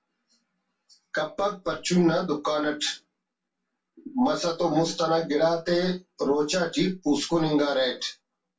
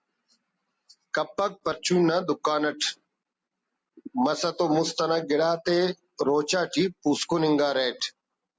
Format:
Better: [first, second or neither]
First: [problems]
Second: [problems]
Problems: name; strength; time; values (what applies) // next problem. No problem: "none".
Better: second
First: room echo; dies away in 0.2 s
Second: none